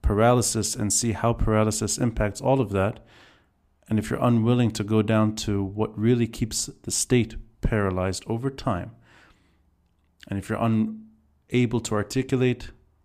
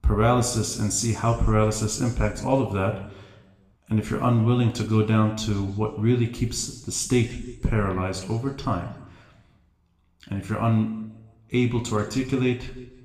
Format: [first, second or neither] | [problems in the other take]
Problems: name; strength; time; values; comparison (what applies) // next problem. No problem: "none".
first | room echo; slight; dies away in 0.9 s // off-mic speech; somewhat distant